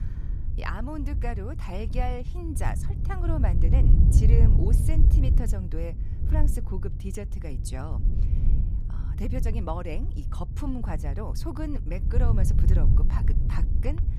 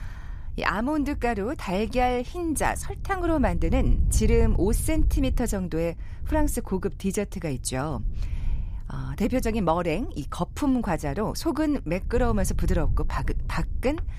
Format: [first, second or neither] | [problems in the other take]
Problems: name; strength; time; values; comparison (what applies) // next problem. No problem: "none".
second | wind noise on the microphone; heavy; 5 dB below the speech; occasional gusts in the second